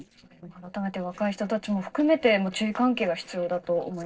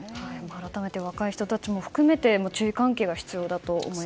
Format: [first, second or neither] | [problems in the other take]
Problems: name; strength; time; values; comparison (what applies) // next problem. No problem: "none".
second | noise reduction (neural separator model SepFormer DNS4)